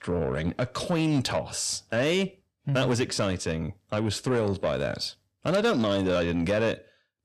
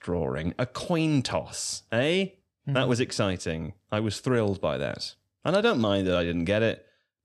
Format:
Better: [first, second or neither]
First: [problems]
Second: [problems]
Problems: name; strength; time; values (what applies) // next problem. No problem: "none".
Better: second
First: distortion; slight; 10 dB below the speech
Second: none